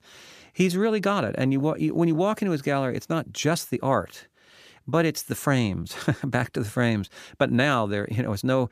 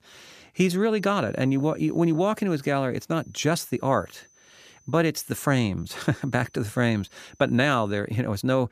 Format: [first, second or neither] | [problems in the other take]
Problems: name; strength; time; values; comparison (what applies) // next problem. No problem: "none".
first | high-pitched whine; faint; from 1 to 2.5 s, from 3 to 5 s and from 6 to 8 s; 6 kHz, 35 dB below the speech